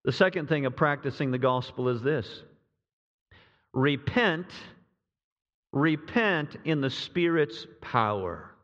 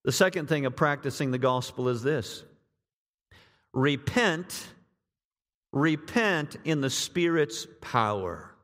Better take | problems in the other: second | muffled; slightly; fading above 4 kHz

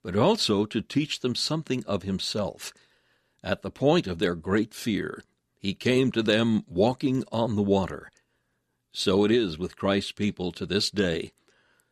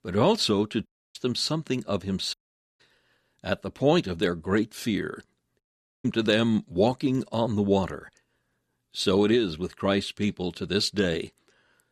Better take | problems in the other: first | audio cutting out; at 1 s, at 2.5 s and at 5.5 s

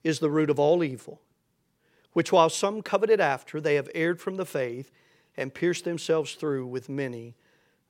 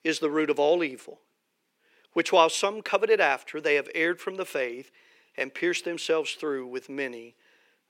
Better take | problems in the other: first | thin; very slightly; fading below 250 Hz

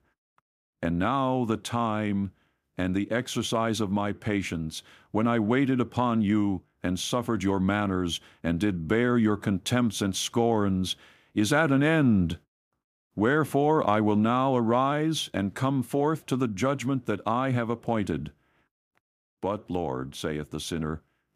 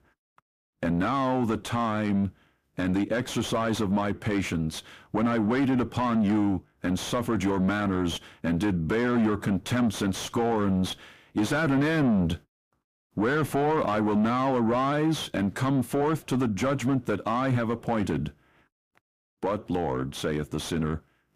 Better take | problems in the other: first | distortion; heavy; 7 dB below the speech

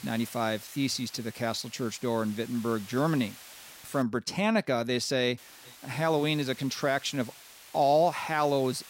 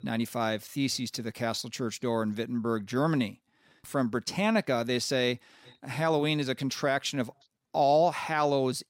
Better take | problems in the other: second | hiss; noticeable; until 4 s and from 5.5 s on; 20 dB below the speech

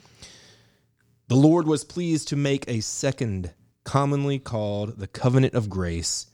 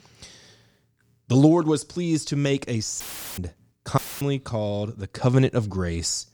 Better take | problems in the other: first | audio cutting out; filled with static; at 3 s and at 4 s

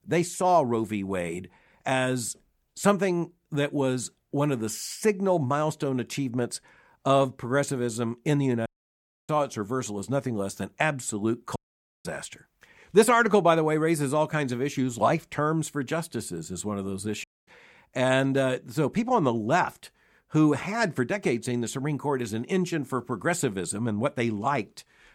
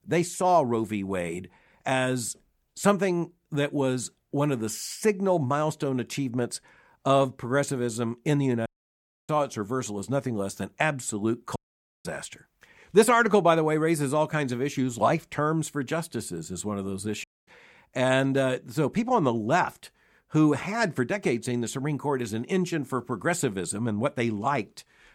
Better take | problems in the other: neither | audio cutting out; at 8.5 s for 0.5 s, at 12 s and at 17 s; the same in both

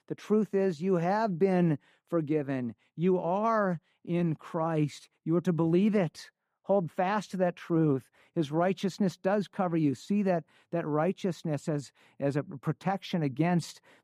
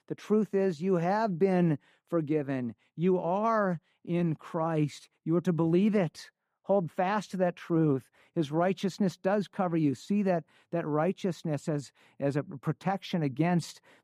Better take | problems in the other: neither | muffled; slightly; fading above 3 kHz; the same in both

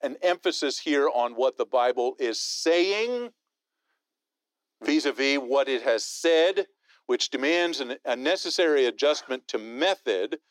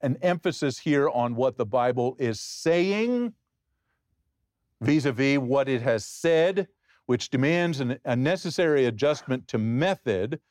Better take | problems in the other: second | thin; somewhat; fading below 300 Hz

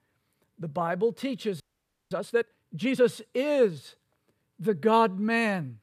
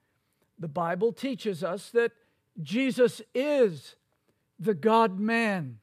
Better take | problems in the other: second | audio freezing; at 1.5 s for 0.5 s

